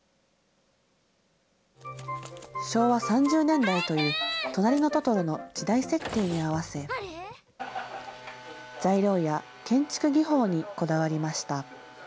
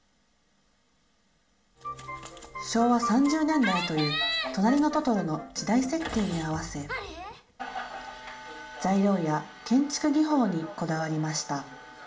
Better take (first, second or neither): first